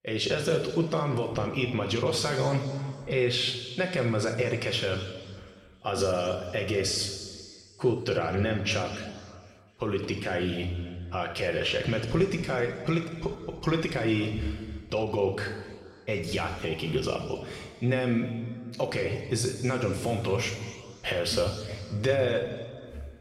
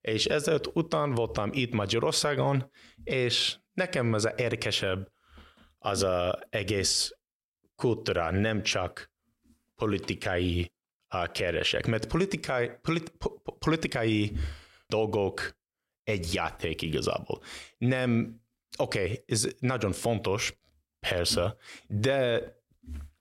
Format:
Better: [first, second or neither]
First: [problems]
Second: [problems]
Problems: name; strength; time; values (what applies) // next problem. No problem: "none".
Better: second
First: room echo; noticeable; dies away in 1.8 s // off-mic speech; somewhat distant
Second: none